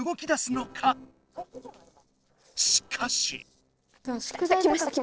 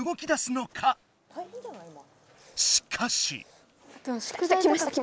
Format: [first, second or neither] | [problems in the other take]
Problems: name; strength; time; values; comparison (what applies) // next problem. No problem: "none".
second | noise reduction (neural separator model SepFormer DNS4)